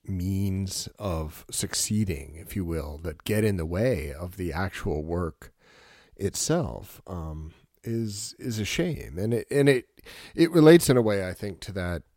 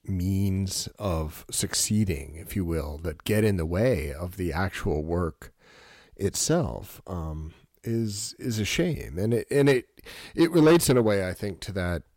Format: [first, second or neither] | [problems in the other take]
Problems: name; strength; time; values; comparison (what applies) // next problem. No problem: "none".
first | distortion; slight; 10 dB below the speech